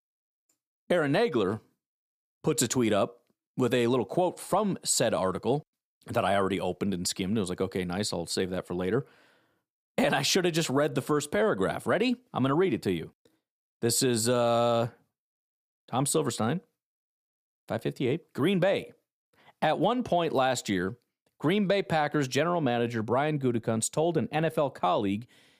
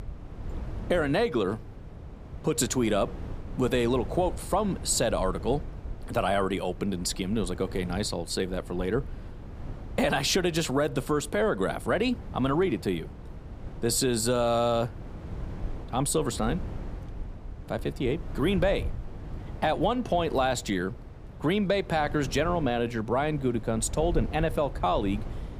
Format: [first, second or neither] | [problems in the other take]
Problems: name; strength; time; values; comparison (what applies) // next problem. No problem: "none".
first | wind noise on the microphone; occasional gusts; 20 dB below the speech